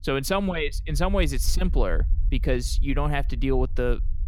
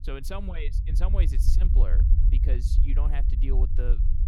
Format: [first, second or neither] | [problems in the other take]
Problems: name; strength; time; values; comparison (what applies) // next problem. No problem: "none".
first | low rumble; loud; throughout; 5 dB below the speech; faint in the first